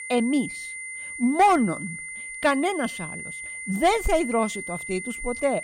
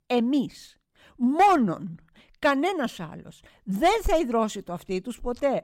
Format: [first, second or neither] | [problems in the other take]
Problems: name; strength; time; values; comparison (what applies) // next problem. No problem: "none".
second | high-pitched whine; loud; throughout; 2 kHz, 9 dB below the speech